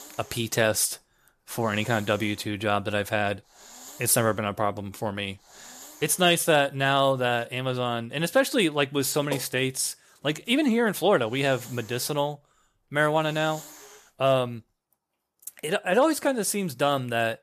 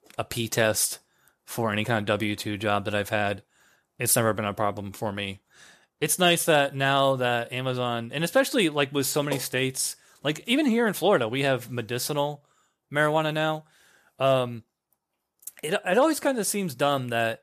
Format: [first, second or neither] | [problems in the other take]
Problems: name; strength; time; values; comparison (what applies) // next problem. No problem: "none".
second | hiss; faint; until 7.5 s and from 10 to 15 s; 20 dB below the speech